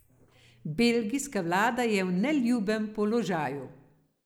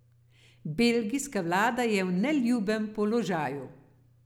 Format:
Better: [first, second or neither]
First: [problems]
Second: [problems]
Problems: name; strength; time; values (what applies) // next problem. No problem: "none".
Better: second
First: noise reduction (neural mask model Resemble Enhance denoiser)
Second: none